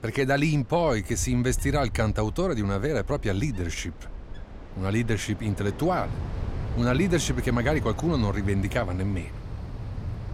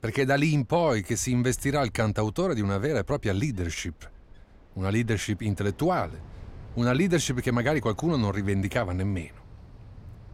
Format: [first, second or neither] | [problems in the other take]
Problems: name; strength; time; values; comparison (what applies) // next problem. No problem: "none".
second | wind in the background; loud; throughout; 10 dB below the speech; faint in the second